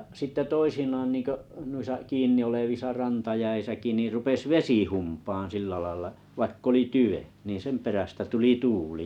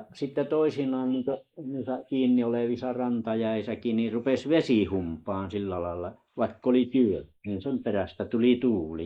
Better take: first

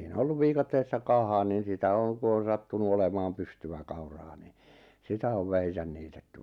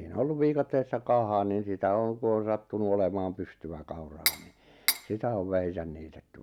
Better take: first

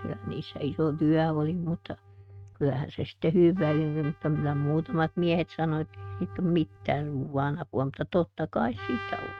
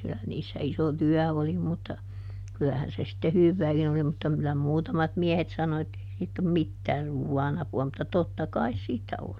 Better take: second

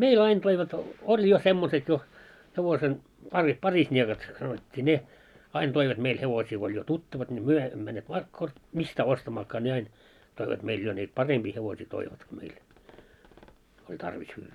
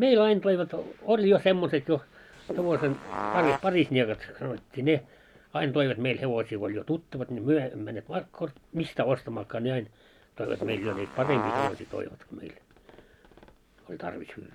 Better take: first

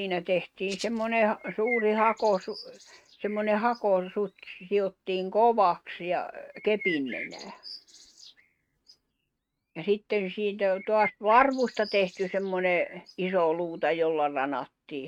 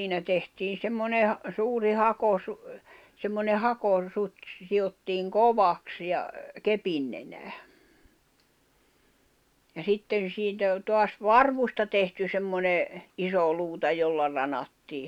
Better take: second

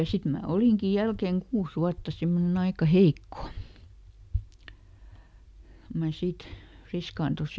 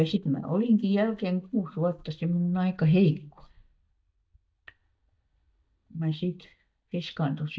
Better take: first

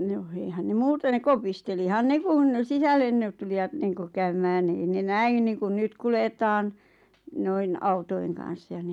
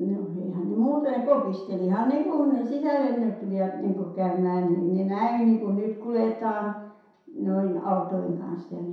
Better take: first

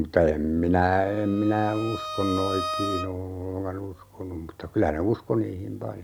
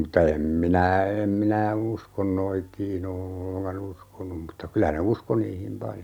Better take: second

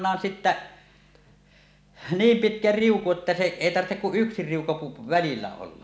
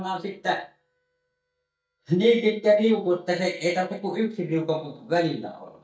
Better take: first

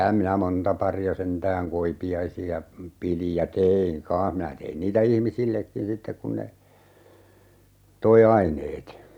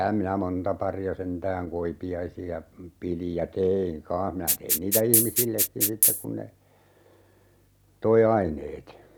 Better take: first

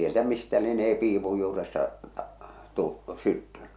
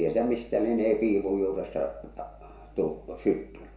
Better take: first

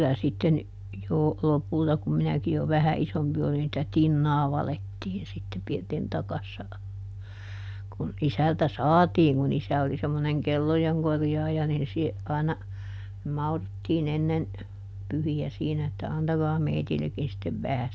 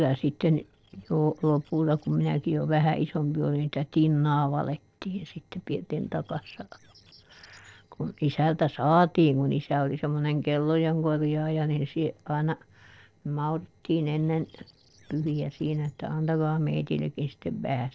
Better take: first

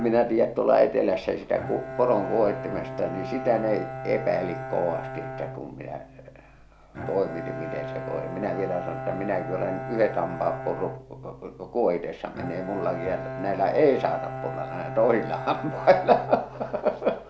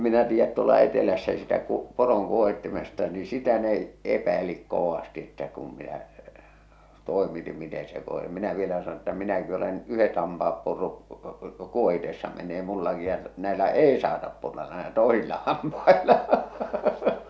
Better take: second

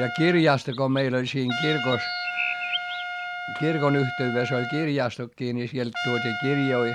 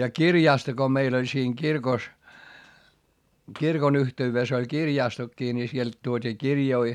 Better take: second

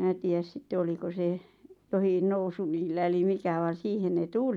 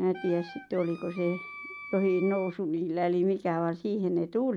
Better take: first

